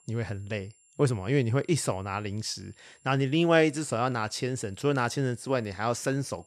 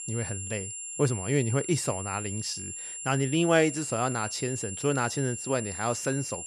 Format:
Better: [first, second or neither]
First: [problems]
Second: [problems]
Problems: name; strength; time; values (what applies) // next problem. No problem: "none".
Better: first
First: high-pitched whine; faint; throughout; 7.5 kHz, 30 dB below the speech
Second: high-pitched whine; loud; throughout; 7.5 kHz, 6 dB below the speech